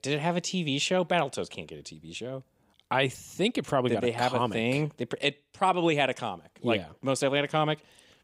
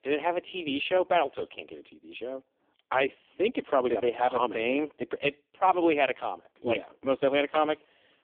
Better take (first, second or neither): first